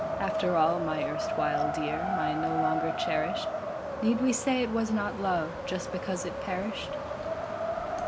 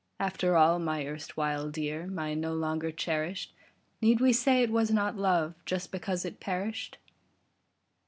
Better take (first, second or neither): second